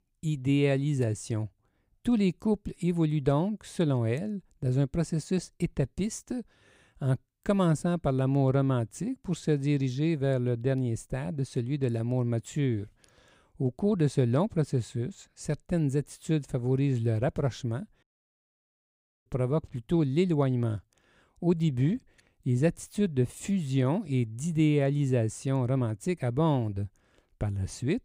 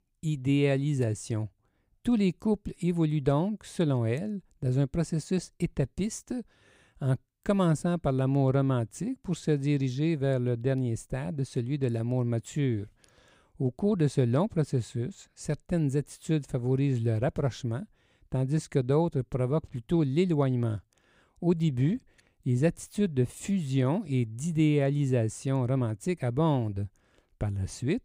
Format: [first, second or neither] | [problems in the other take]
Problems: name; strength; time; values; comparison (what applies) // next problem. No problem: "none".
second | audio cutting out; at 18 s for 1 s